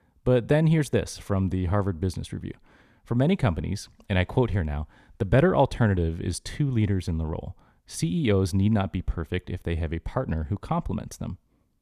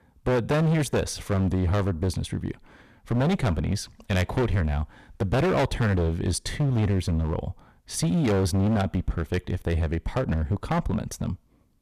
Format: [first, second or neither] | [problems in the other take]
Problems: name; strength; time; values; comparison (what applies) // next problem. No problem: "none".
first | distortion; heavy; 17% of the sound clipped